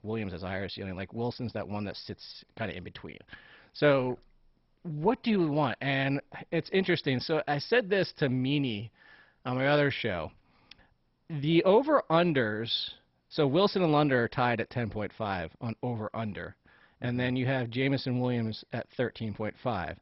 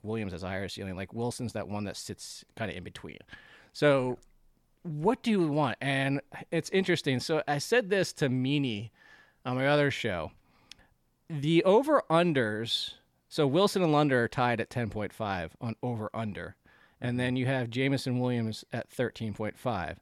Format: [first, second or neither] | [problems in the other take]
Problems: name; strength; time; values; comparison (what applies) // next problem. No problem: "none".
second | garbled, watery; badly; nothing above 5.5 kHz